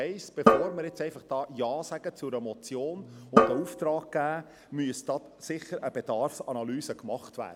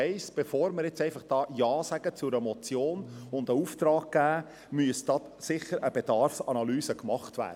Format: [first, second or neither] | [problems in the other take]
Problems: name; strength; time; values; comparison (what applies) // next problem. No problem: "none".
second | background sound (Drum); 4 dB above the speech